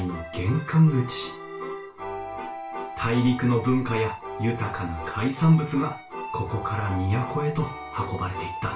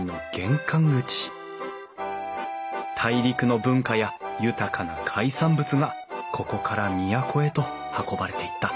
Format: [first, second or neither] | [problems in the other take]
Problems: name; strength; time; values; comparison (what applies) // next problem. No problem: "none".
second | room echo; dies away in 0.2 s